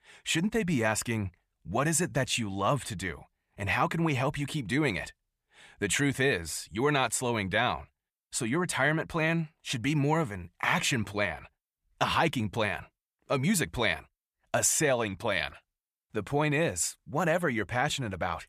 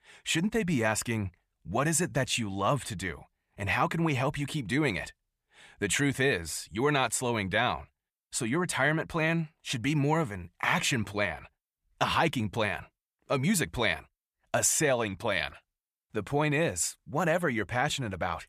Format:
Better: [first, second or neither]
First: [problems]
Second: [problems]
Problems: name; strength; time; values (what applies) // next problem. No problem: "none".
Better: neither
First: none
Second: none